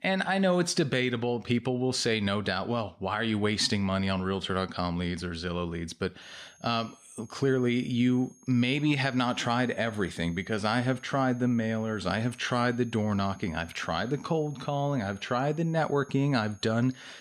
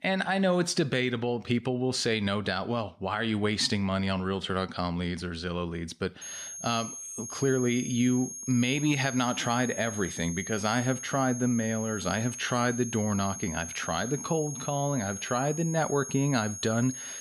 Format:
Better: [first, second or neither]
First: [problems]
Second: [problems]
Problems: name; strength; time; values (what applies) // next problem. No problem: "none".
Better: first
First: high-pitched whine; faint; from 6 s on; 6.5 kHz, 30 dB below the speech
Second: high-pitched whine; loud; from 6 s on; 6.5 kHz, 8 dB below the speech